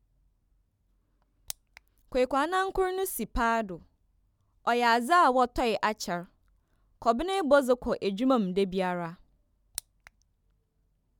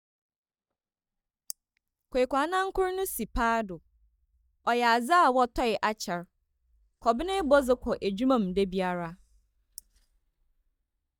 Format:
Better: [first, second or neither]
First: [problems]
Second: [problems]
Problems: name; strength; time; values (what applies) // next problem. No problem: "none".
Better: first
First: none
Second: noise reduction (neural mask model DeepFilterNet 3)